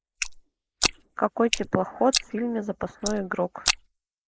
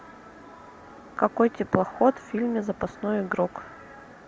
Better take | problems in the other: second | noise reduction (neural mask model Resemble Enhance denoiser)

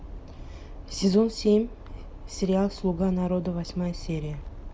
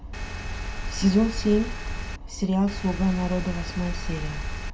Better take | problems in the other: first | background sound (Engine); 6 dB below the speech // room echo; dies away in 0.3 s

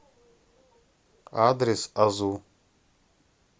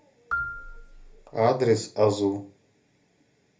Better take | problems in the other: first | background sound (Marimba, xylophone); 10 dB below the speech // room echo; dies away in 0.3 s

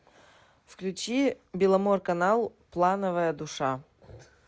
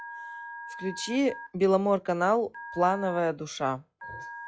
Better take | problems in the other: first | noise reduction (classical method log-MMSE)

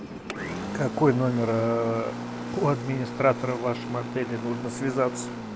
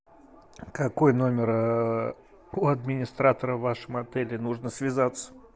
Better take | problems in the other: second | background sound (Engine); 7 dB below the speech

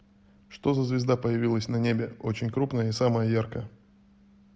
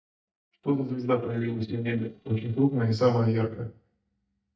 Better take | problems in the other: first | noise reduction (neural mask model DeepFilterNet 3)

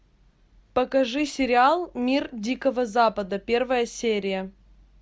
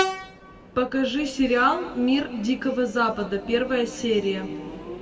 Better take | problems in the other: first | background sound (Train); 11 dB below the speech // room echo; dies away in 1.5 s

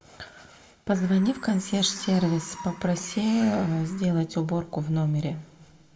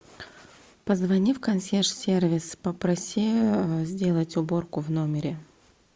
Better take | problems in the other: second | background sound (Bird); 17 dB below the speech // room echo; dies away in 1.2 s

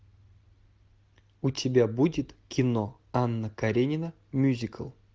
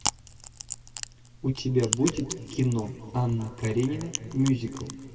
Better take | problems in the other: first | background sound (Chewing, mastication); 9 dB below the speech // room echo; dies away in 2.5 s

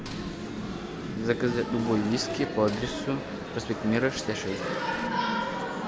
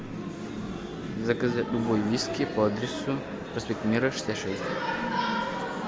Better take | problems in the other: second | background sound (Boat, Water vehicle); 17 dB below the speech

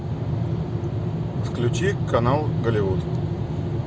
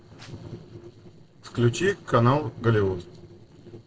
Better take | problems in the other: first | noise reduction (neural separator model SepFormer DNS4)

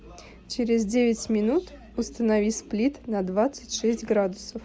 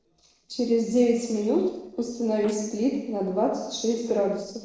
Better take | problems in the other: first | noise reduction (neural separator model SepFormer DNS4)

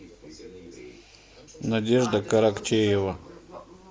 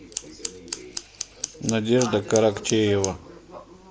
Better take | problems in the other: first | background sound (Scissors); 11 dB below the speech

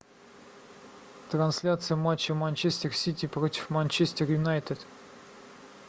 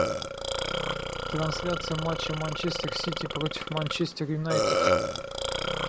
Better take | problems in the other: first | background sound (Burping, eructation); 3 dB above the speech

